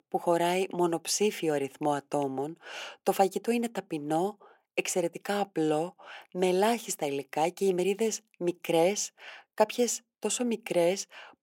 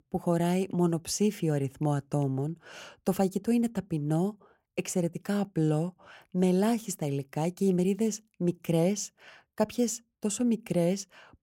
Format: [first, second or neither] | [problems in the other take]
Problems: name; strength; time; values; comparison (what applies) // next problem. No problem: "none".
second | thin; somewhat; fading below 400 Hz